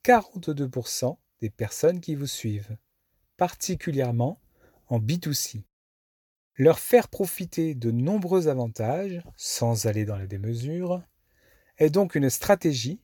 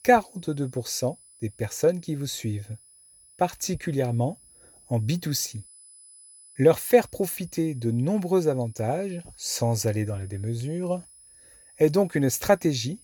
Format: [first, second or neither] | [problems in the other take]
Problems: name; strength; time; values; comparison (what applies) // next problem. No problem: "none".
first | high-pitched whine; faint; throughout; 10 kHz, 25 dB below the speech